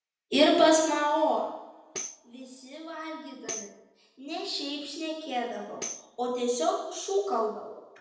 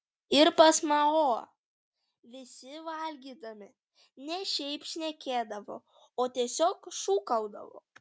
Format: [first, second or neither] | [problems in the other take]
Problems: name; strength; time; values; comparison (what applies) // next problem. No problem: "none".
second | background sound (Tambourine); 15 dB below the speech // room echo; dies away in 0.9 s